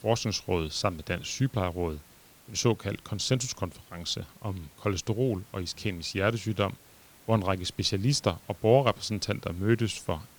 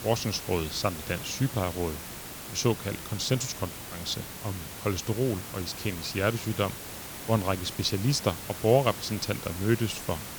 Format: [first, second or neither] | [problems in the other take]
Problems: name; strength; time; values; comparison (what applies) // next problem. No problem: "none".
first | hiss; loud; throughout; 9 dB below the speech; faint in the first